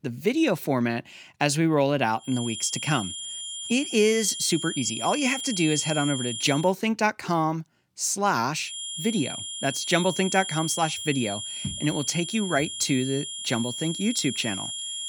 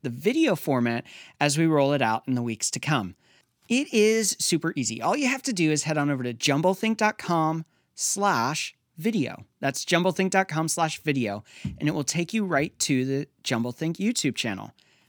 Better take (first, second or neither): second